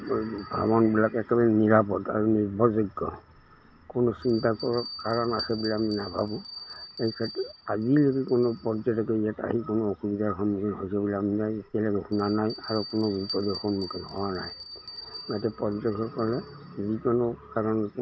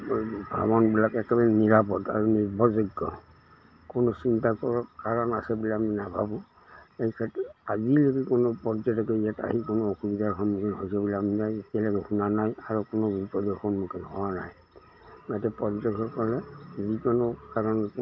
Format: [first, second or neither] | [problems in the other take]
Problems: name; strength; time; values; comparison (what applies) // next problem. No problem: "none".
second | background sound (Bell); 18 dB below the speech